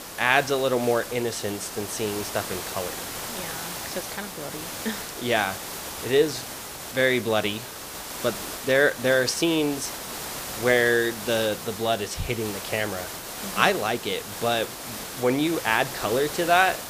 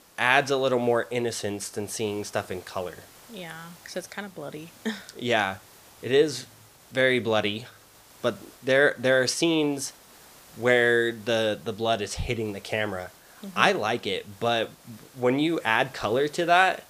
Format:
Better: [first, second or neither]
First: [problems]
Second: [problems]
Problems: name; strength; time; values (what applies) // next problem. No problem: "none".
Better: second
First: hiss; loud; throughout; 9 dB below the speech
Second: hiss; faint; throughout; 25 dB below the speech